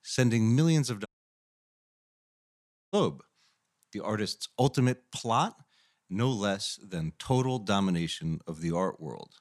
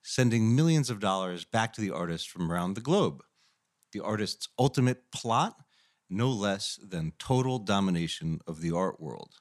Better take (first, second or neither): second